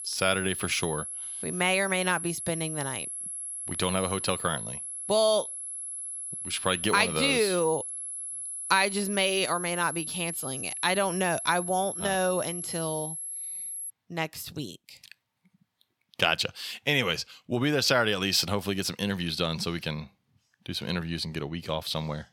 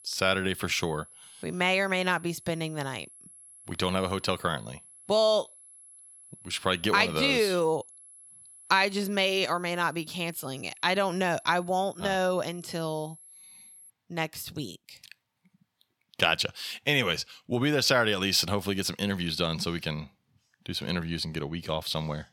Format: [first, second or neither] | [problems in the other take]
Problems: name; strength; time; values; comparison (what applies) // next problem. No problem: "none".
second | high-pitched whine; loud; until 14 s; 11 kHz, 6 dB below the speech; faint in the second